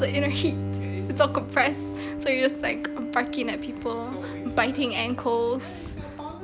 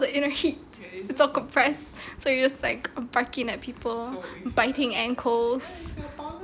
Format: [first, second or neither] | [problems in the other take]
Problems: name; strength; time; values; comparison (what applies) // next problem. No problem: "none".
second | background sound (Bowed string instrument); 5 dB below the speech